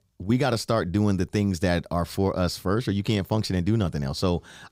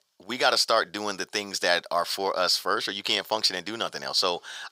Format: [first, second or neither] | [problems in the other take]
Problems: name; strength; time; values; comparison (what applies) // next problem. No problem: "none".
first | thin; very; fading below 750 Hz